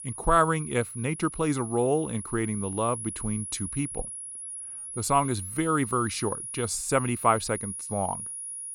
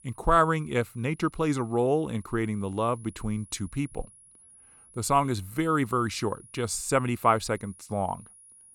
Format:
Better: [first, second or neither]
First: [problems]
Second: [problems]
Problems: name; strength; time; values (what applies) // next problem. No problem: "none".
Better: second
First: high-pitched whine; loud; throughout; 10.5 kHz, 8 dB below the speech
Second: high-pitched whine; faint; throughout; 10.5 kHz, 25 dB below the speech